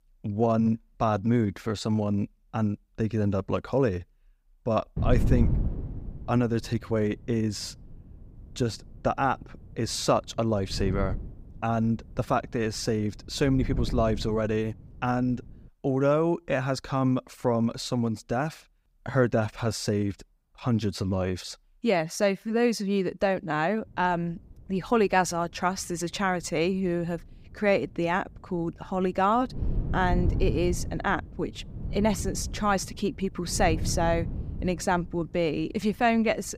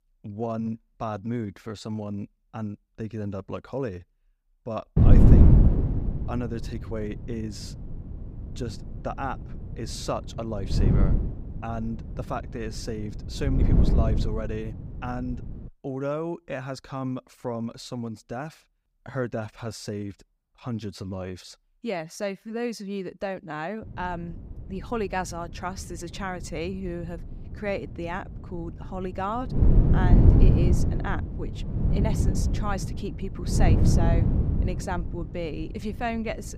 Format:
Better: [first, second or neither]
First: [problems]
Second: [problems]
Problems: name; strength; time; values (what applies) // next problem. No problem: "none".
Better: first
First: wind noise on the microphone; occasional gusts; from 5 to 16 s and from 24 s on; 15 dB below the speech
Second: wind noise on the microphone; heavy; from 5 to 16 s and from 24 s on; 1 dB above the speech